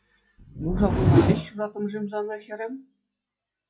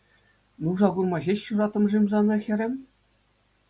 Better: second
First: noise reduction (classical method log-MMSE)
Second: none

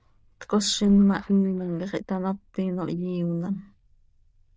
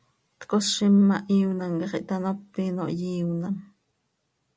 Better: second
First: noise reduction (neural diffusion model UNIVERSE++)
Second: none

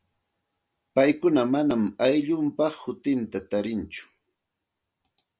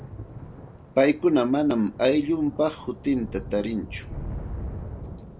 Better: first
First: none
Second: background sound (Thunder / Rain); 12 dB below the speech

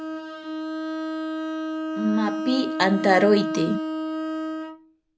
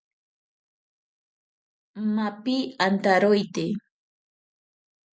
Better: second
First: background sound (Bowed string instrument); 3 dB below the speech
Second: none

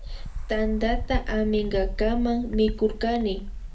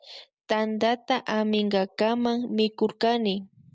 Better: second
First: background sound (Bird); 4 dB below the speech // room echo; dies away in 0.3 s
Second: none

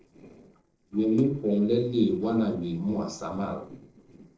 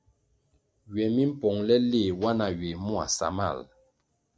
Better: second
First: noise reduction (neural separator model SepFormer DNS4)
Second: none

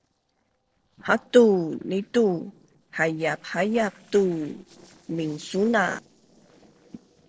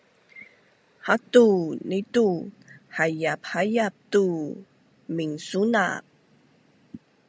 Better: second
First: noise reduction (neural separator model SepFormer DNS4)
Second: none

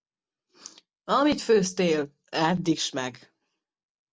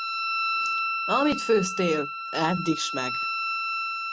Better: first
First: none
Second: background sound (Wind instrument, woodwind instrument); 1 dB below the speech

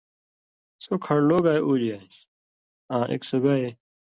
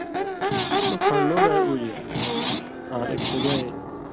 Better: first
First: none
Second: background sound (Screech + Crowd / Race car, auto racing / Accelerating, revving, vroom); 4 dB above the speech

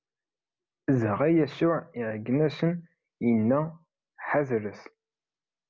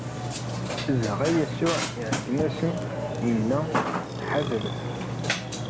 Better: first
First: none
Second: background sound (Burping, eructation); 1 dB below the speech

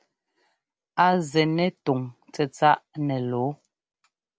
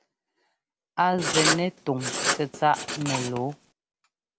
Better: first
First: none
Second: background sound (Writing); as loud as the speech

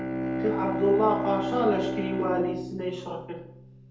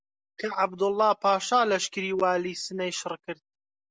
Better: second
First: background sound (Bowed string instrument); 3 dB below the speech // room echo; dies away in 2.1 s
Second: none

